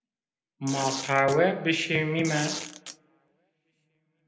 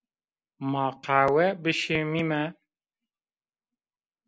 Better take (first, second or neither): second